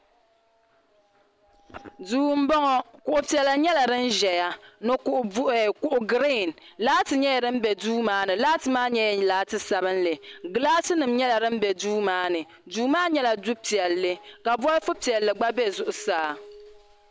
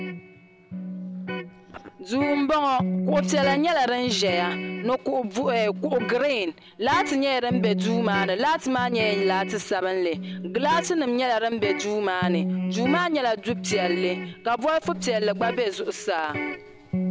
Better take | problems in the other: first | background sound (Electric guitar); 6 dB below the speech

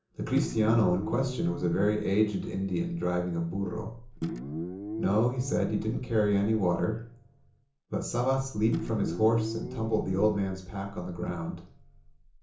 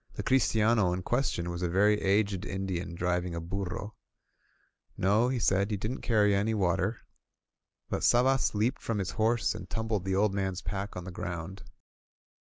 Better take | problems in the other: second | background sound (Guitar); 10 dB below the speech // room echo; dies away in 0.7 s

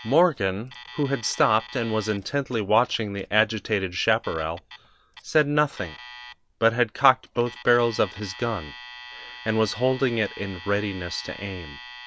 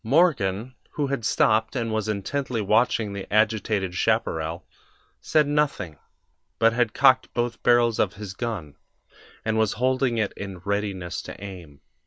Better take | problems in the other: second | background sound (Alarm); 18 dB below the speech

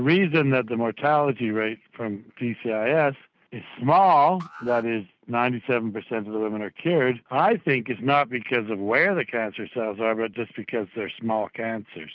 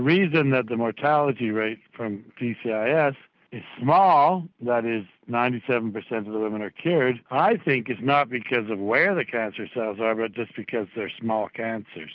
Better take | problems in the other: second | noise reduction (neural mask model RNNoise)

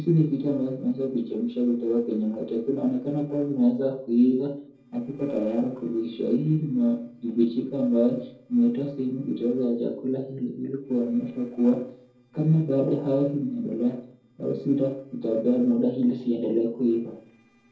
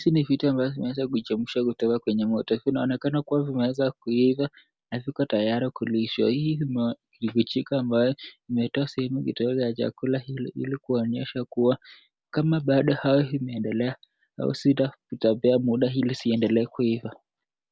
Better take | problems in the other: second | noise reduction (neural separator model SepFormer DNS4)

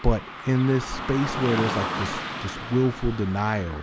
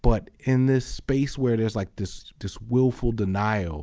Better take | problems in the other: second | background sound (Car passing by / Traffic noise, roadway noise); 7 dB below the speech

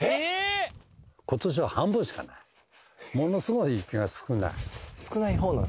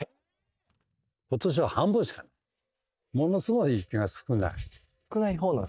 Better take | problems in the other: first | noise reduction (neural mask model DeepFilterNet 3)

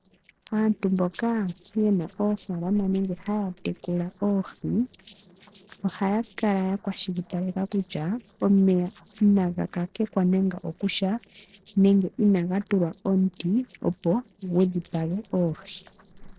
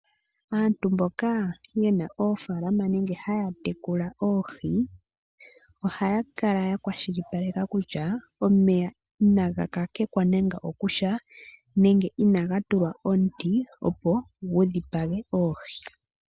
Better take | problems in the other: second | noise reduction (neural separator model SepFormer DNS4)

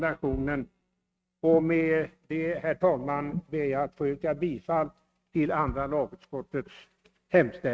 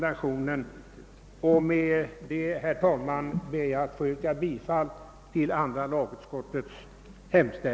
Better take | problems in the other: second | noise reduction (neural mask model RNNoise)

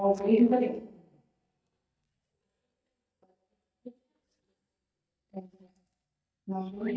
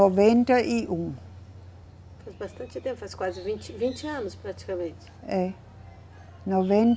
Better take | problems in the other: second | noise reduction (neural mask model DeepFilterNet 3)

